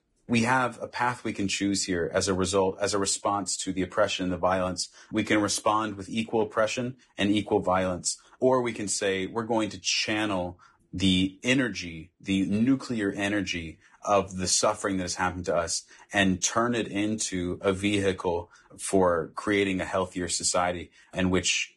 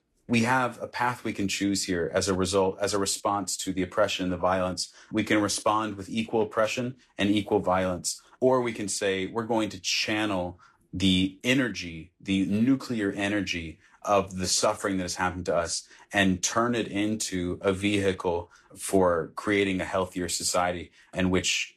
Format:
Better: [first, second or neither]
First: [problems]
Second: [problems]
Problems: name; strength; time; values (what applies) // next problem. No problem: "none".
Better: second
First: garbled, watery; badly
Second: garbled, watery; slightly; nothing above 12.5 kHz